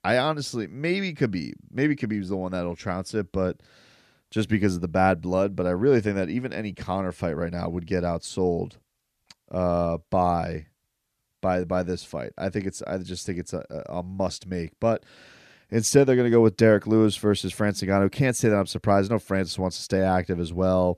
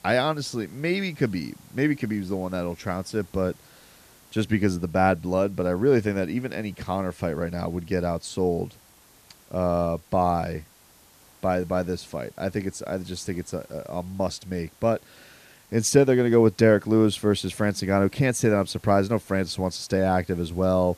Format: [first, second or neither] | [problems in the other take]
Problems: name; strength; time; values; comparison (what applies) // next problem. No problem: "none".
first | hiss; faint; throughout; 30 dB below the speech